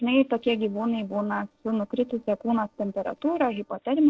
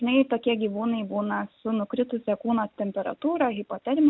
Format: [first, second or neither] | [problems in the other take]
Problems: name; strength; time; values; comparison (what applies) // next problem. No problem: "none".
second | noise reduction (neural separator model SepFormer DNS4)